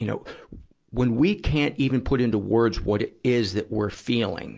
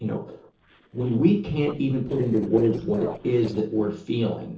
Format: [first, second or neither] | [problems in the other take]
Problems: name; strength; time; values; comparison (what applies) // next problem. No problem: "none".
first | noise reduction (neural separator model SepFormer DNS4)